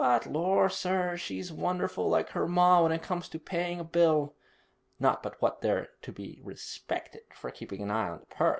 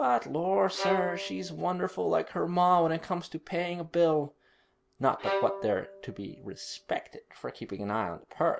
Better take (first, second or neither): first